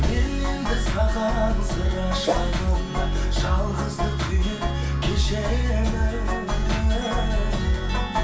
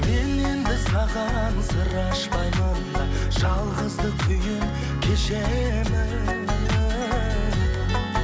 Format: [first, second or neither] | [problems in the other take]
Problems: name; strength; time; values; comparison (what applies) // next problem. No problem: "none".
second | background sound (Whoosh, swoosh, swish); 6 dB below the speech // room echo; dies away in 0.3 s